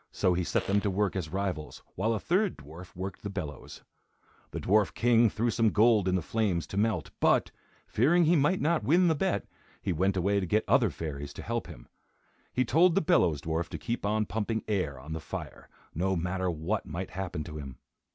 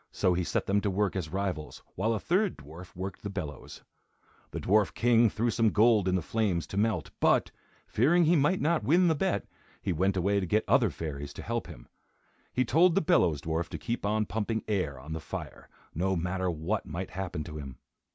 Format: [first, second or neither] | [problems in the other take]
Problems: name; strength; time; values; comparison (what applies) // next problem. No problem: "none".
second | background sound (Fart); 19 dB below the speech